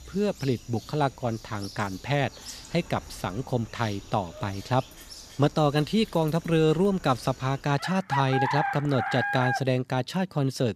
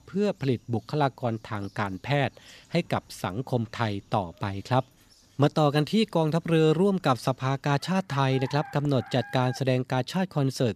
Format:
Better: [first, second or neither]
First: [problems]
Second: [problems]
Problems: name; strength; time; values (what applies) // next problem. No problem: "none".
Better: second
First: animal sounds; loud; throughout; 7 dB below the speech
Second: animal sounds; faint; throughout; 20 dB below the speech